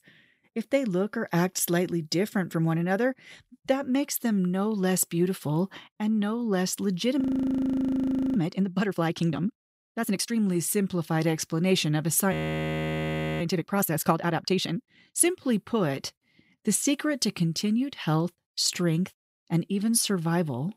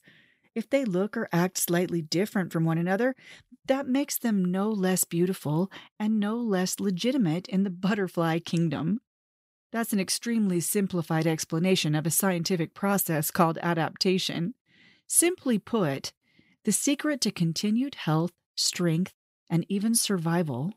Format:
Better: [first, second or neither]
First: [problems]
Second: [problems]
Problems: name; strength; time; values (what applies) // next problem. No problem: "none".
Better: second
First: audio freezing; at 7 s for 1 s and at 12 s for 1 s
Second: none